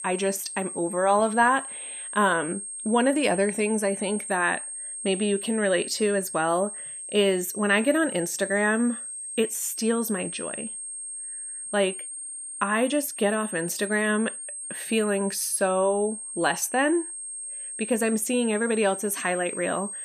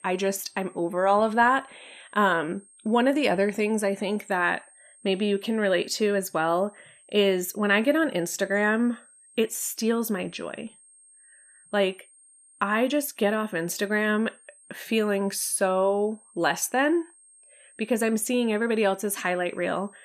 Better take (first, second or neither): second